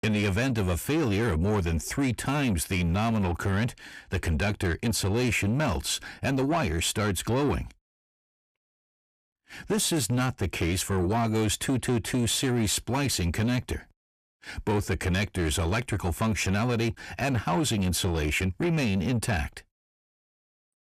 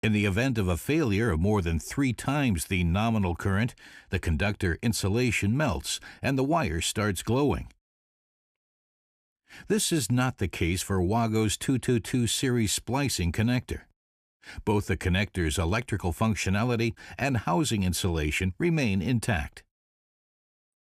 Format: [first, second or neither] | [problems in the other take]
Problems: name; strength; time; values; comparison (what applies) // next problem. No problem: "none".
second | distortion; slight; 10 dB below the speech